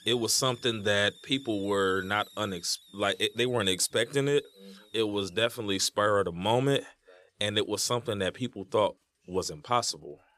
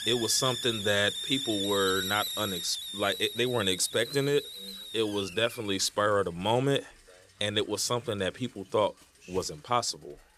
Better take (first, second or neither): first